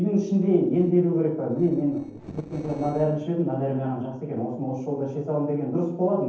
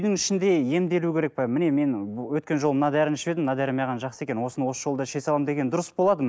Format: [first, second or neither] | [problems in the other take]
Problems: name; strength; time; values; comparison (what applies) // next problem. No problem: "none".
second | noise reduction (neural separator model SepFormer DNS4)